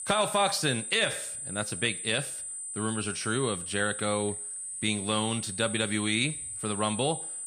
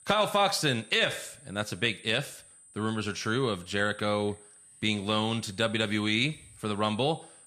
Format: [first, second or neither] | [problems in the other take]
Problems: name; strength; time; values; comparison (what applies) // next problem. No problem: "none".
second | high-pitched whine; loud; throughout; 8 kHz, 5 dB below the speech; faint in the second